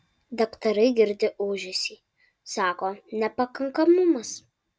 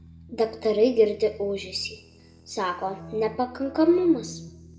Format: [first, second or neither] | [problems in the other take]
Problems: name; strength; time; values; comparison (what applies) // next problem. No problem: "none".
first | background sound (Keyboard (musical)); 19 dB below the speech // room echo; dies away in 1 s